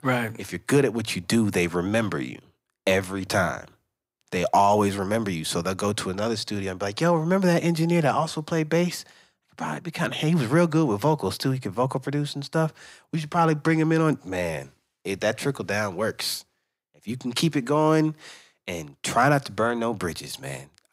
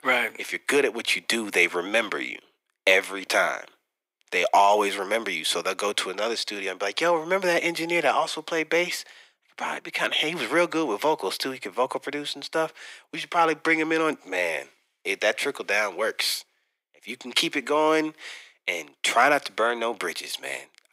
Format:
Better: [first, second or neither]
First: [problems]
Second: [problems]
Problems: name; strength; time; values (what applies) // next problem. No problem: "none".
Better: first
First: none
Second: thin; somewhat; fading below 350 Hz